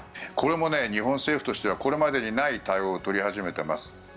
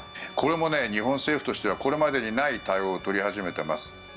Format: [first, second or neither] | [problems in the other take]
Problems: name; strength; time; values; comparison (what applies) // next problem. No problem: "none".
first | background sound (Trumpet); 19 dB below the speech